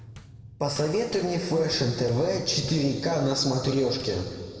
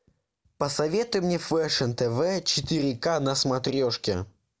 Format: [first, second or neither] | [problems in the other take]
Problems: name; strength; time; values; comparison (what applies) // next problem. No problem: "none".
second | background sound (Bass drum / Snare drum / Drum kit); 20 dB below the speech // room echo; dies away in 2 s